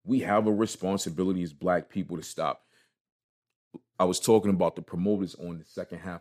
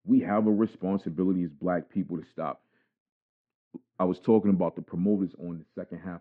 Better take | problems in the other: first | muffled; very; fading above 2 kHz

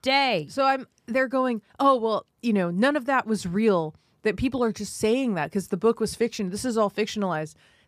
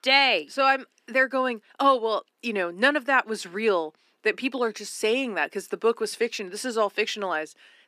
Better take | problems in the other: first | thin; very slightly; fading below 250 Hz

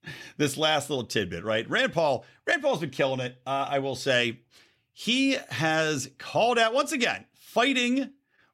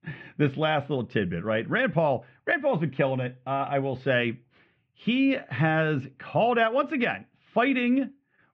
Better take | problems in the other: first | muffled; very; fading above 2.5 kHz

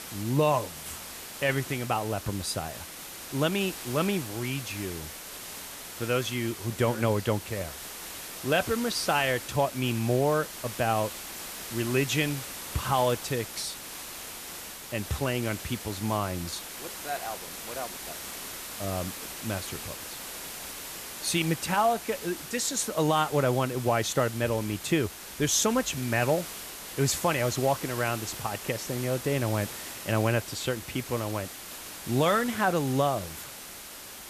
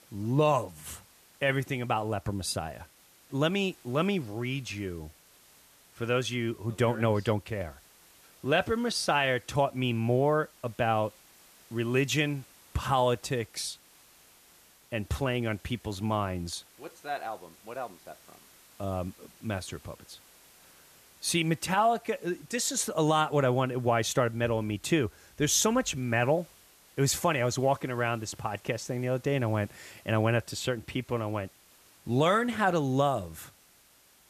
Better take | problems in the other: second | hiss; loud; throughout; 9 dB below the speech; faint in the second

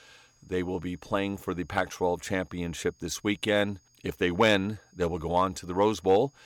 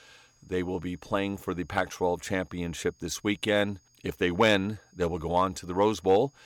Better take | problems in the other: neither | high-pitched whine; faint; throughout; 6.5 kHz, 35 dB below the speech; the same in both

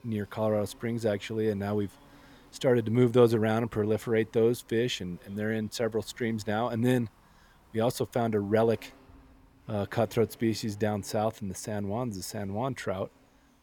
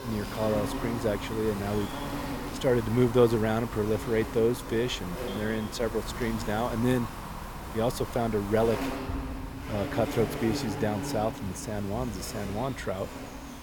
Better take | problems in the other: first | animal sounds; loud; throughout; 7 dB below the speech; faint in the first

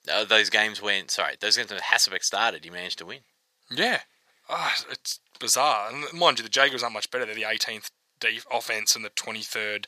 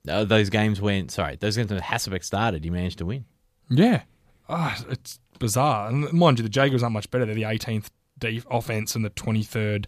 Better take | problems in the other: second | thin; very; fading below 650 Hz

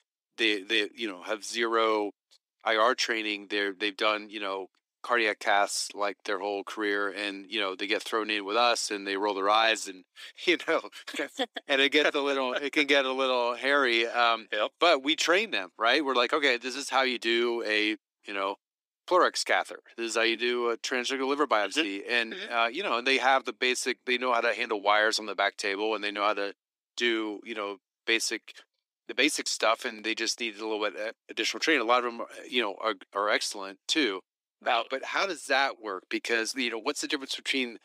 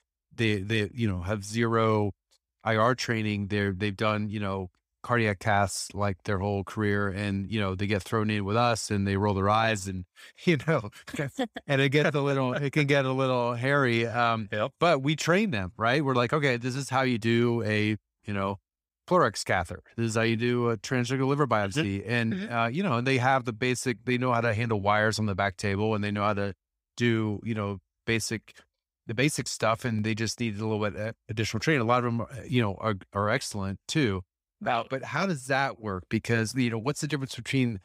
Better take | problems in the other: second | thin; somewhat; fading below 300 Hz

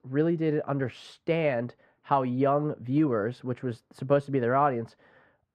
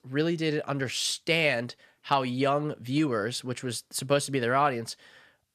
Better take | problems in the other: second | muffled; very; fading above 2.5 kHz

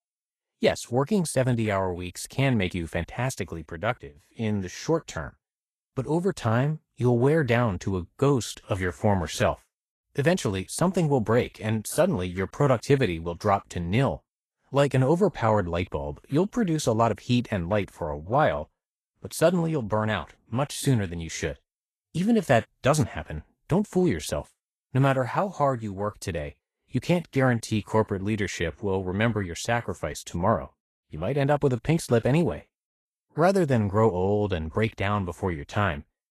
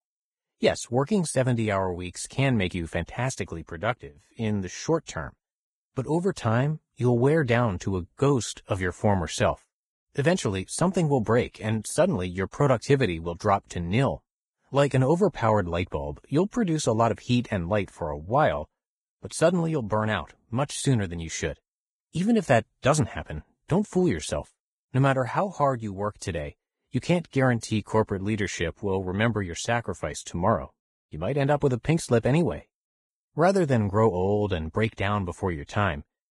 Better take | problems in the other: first | garbled, watery; badly; nothing above 10.5 kHz; slightly in the first

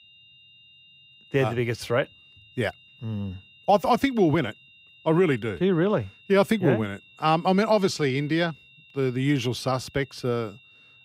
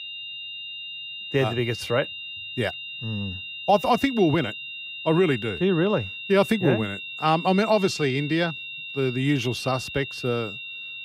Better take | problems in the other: first | high-pitched whine; loud; throughout; 3 kHz, 9 dB below the speech; faint in the first

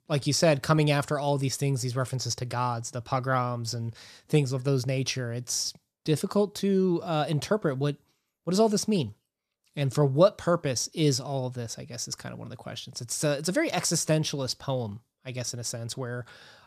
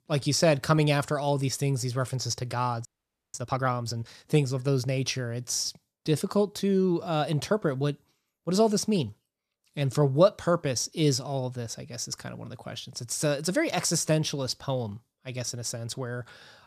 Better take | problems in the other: first | audio freezing; at 3 s

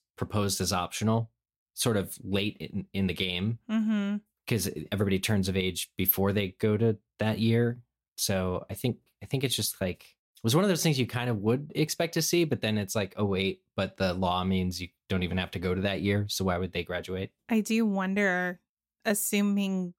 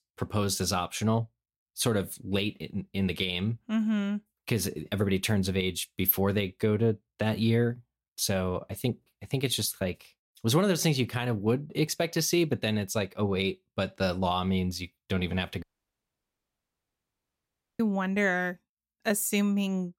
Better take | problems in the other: first | audio cutting out; at 16 s for 2 s

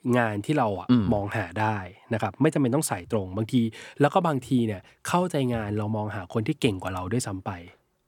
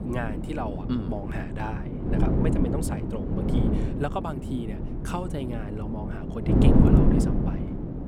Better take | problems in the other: first | wind noise on the microphone; heavy; 3 dB above the speech

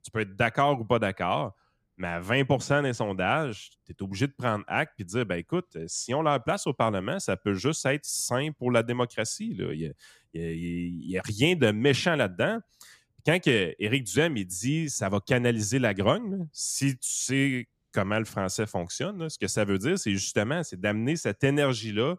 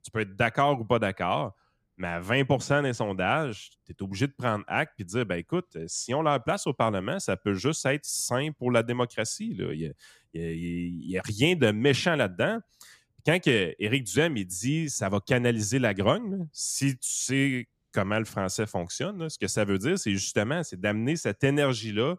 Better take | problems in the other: neither | none

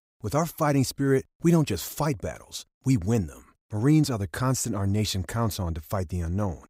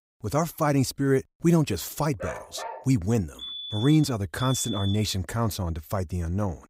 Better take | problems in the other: first | dog barking; faint; at 2 s; peak 10 dB below the speech // alarm; noticeable; from 3.5 to 5 s; peak 7 dB below the speech

